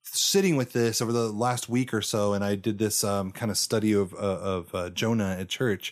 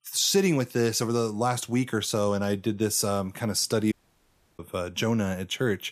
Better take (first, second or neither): first